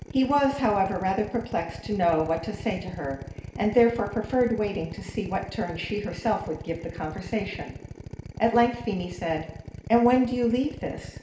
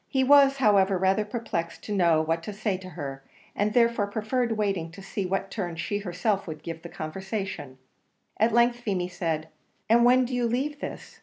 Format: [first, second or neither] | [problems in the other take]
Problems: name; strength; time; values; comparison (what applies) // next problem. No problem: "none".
second | background sound (Drill); 13 dB below the speech // room echo; dies away in 0.8 s